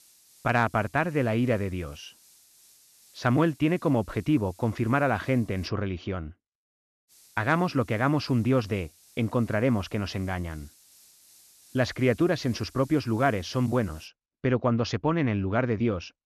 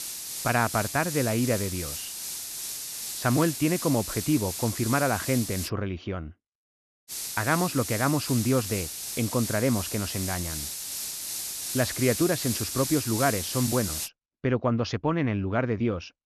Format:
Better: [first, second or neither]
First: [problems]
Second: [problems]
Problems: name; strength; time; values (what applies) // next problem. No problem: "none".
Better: first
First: hiss; faint; until 5.5 s and from 7 to 14 s; 25 dB below the speech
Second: hiss; loud; until 5.5 s and from 7 to 14 s; 4 dB below the speech